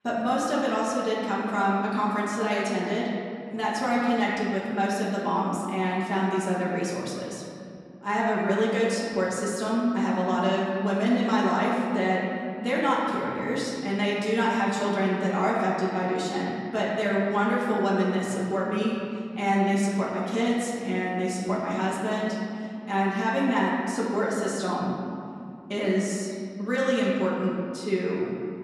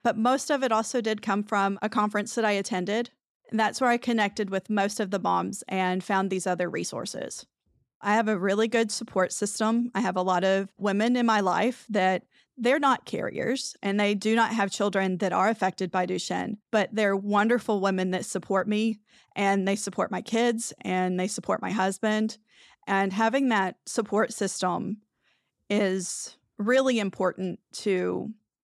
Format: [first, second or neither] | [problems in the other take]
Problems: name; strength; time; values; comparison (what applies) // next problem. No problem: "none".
second | off-mic speech; far // room echo; noticeable; dies away in 2.3 s